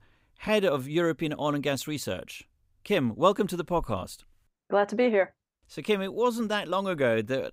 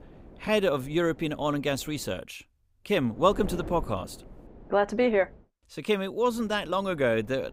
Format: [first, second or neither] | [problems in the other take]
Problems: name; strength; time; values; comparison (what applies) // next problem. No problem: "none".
first | wind noise on the microphone; occasional gusts; until 2 s, from 3 to 5.5 s and from 6.5 s on; 20 dB below the speech